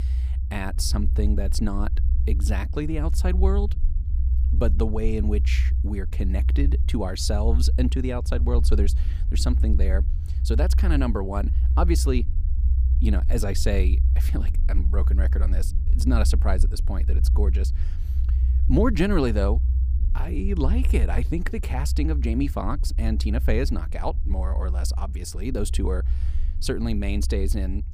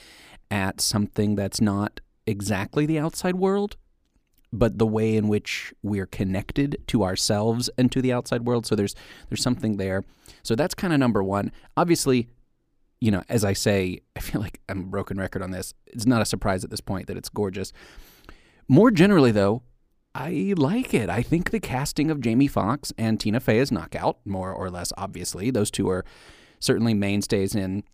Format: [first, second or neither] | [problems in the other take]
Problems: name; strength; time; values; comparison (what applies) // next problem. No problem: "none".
second | low rumble; noticeable; throughout; 10 dB below the speech